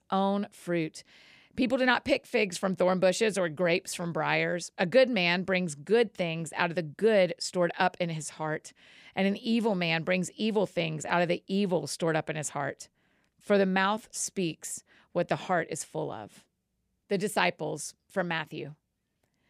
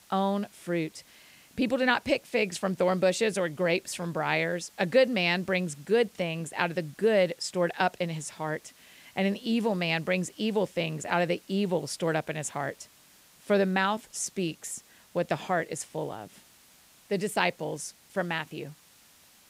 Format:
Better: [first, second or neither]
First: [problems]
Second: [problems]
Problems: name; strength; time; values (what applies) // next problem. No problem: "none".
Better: first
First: none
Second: hiss; faint; throughout; 25 dB below the speech